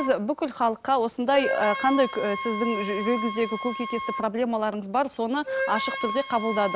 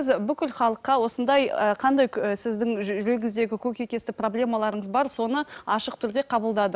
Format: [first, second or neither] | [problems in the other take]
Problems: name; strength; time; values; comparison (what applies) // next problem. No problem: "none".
second | background sound (Wind instrument, woodwind instrument); 7 dB below the speech